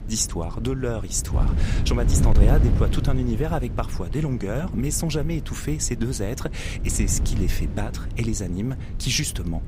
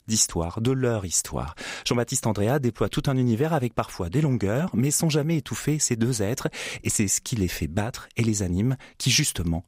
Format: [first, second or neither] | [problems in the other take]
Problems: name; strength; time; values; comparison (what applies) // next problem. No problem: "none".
second | wind noise on the microphone; heavy; 10 dB below the speech